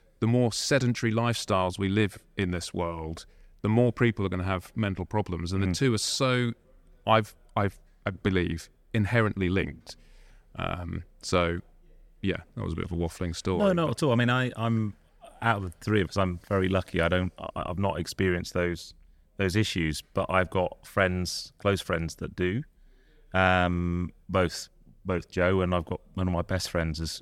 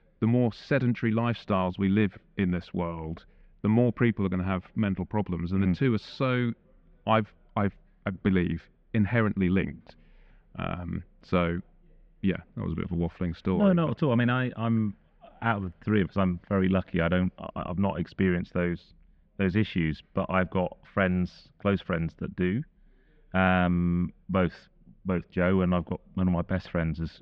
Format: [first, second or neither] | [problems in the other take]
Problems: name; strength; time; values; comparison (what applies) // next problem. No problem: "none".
first | muffled; very; fading above 3 kHz